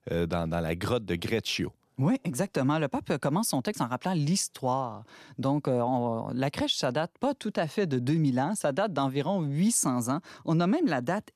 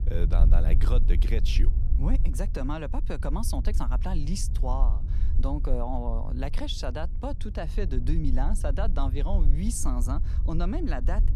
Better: first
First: none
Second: low rumble; noticeable; throughout; 10 dB below the speech

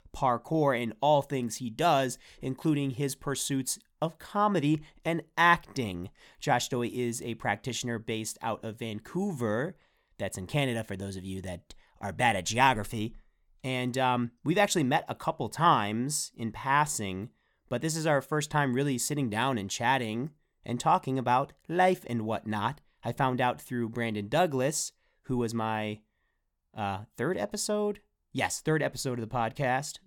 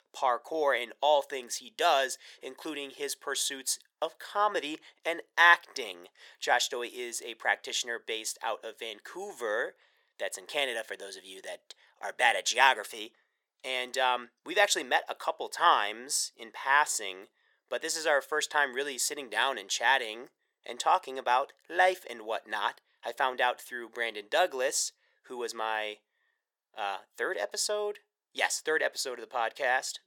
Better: first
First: none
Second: thin; very; fading below 450 Hz

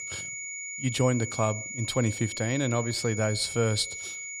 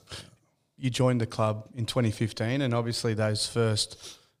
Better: second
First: high-pitched whine; loud; throughout; 2 kHz, 6 dB below the speech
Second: none

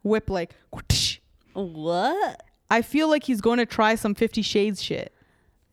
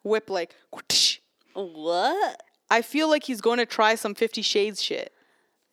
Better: first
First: none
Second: thin; somewhat; fading below 300 Hz

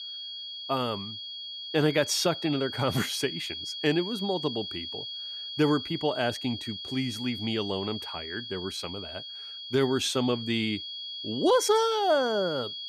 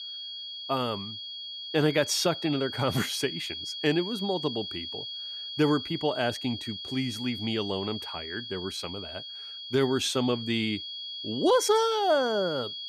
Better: neither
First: high-pitched whine; loud; throughout; 3.5 kHz, 7 dB below the speech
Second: high-pitched whine; loud; throughout; 3.5 kHz, 7 dB below the speech

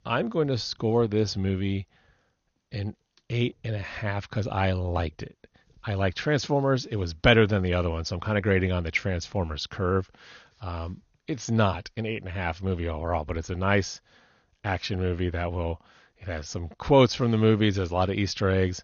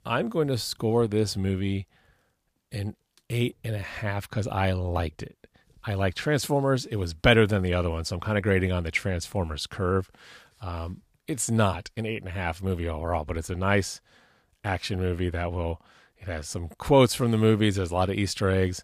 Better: second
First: garbled, watery; slightly; nothing above 6.5 kHz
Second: none

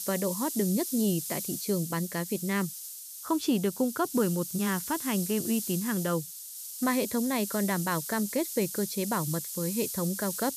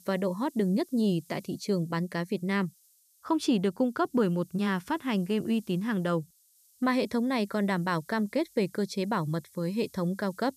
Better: second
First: hiss; loud; throughout; 5 dB below the speech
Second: hiss; faint; throughout; 30 dB below the speech

